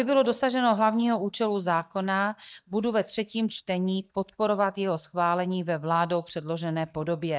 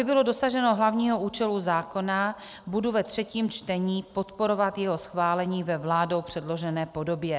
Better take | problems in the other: second | noise reduction (neural mask model DeepFilterNet 3)

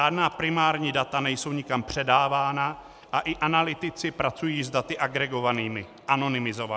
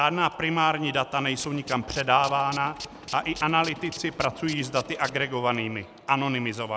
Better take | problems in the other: first | background sound (Tools); 15 dB below the speech

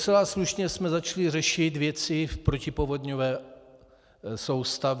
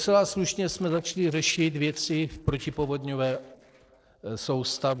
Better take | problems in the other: first | noise reduction (neural separator model SepFormer DNS4)

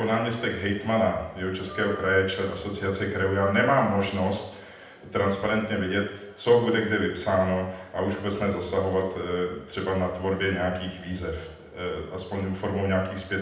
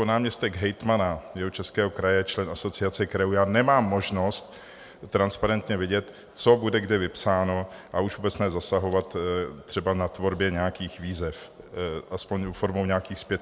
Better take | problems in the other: second | background sound (Wind instrument, woodwind instrument); 18 dB below the speech // room echo; dies away in 0.8 s

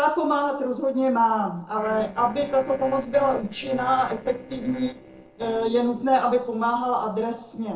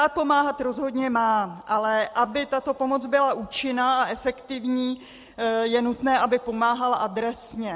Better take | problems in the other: second | noise reduction (neural separator model SepFormer DNS4)

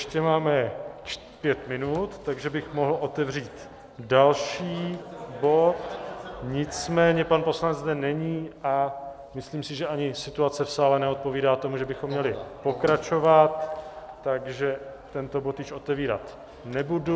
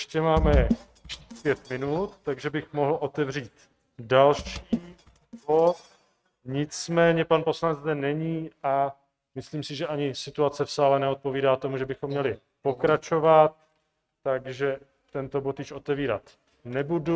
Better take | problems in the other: first | noise reduction (neural mask model RNNoise)

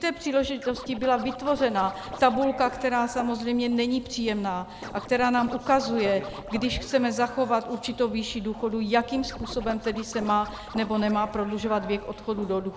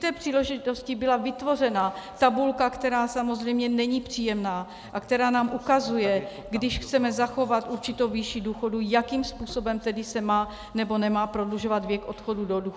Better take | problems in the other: second | background sound (Scratching (performance technique) + Walk, footsteps); 16 dB below the speech

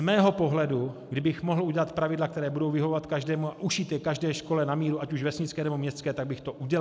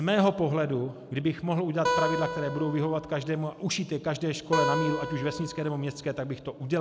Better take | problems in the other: first | background sound (Acoustic guitar); 4 dB below the speech

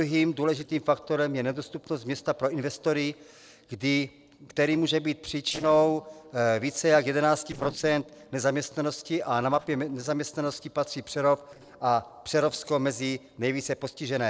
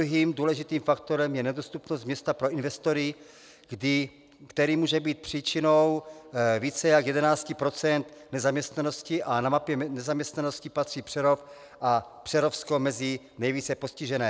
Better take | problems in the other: second | noise reduction (neural separator model SepFormer DNS4)

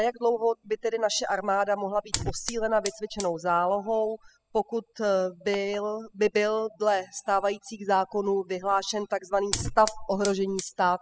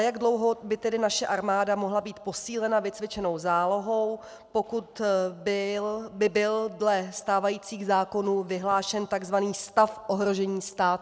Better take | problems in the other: second | noise reduction (classical method spectral subtraction)

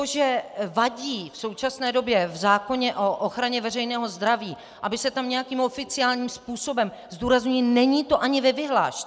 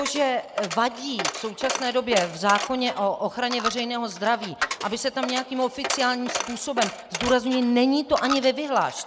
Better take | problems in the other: first | background sound (Coin (dropping)); 8 dB below the speech

